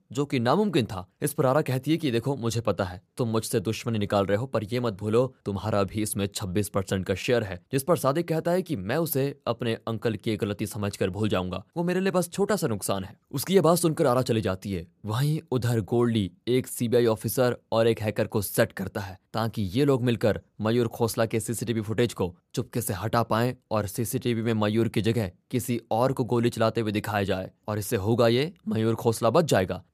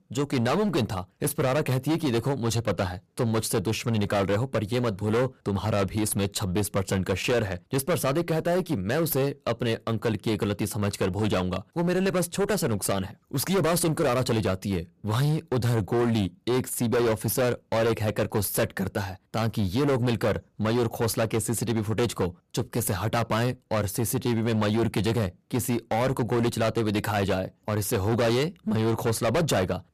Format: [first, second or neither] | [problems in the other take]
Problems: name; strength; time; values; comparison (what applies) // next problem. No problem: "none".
first | distortion; heavy; 19% of the sound clipped